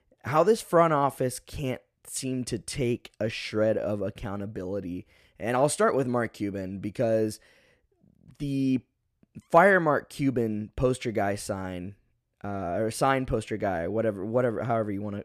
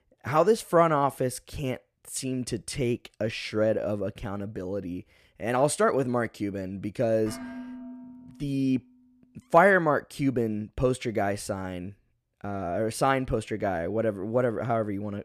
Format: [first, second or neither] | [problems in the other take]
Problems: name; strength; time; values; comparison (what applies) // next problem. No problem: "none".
first | clattering dishes; faint; from 7.5 to 9 s; peak 10 dB below the speech